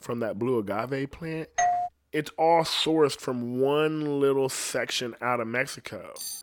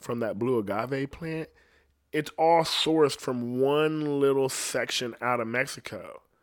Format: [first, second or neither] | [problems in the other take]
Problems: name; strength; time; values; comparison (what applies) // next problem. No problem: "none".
second | doorbell; loud; at 1.5 s; peak 1 dB above the speech // clattering dishes; very faint; at 6 s; peak 9 dB below the speech